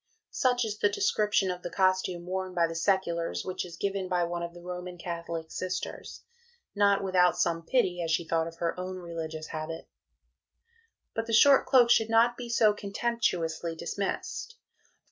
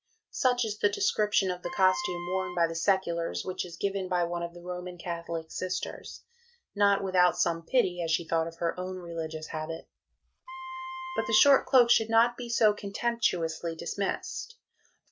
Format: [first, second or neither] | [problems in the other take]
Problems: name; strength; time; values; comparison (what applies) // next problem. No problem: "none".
first | background sound (Wind instrument, woodwind instrument); 11 dB below the speech